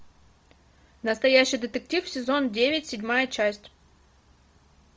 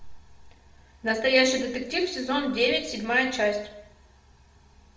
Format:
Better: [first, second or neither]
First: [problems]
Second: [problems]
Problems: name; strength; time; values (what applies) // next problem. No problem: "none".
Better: first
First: none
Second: room echo; dies away in 0.6 s